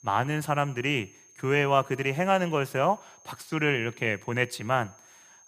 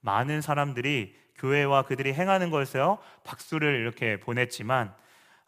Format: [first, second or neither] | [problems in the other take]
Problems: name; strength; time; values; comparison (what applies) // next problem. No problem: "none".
second | high-pitched whine; faint; throughout; 6.5 kHz, 25 dB below the speech